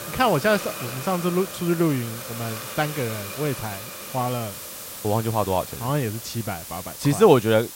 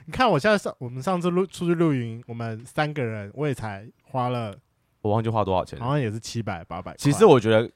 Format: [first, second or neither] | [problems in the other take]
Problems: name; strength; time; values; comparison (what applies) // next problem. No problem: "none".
second | hiss; loud; throughout; 10 dB below the speech